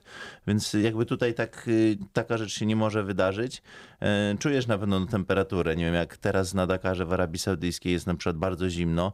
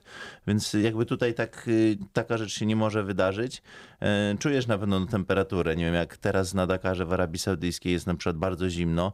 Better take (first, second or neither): neither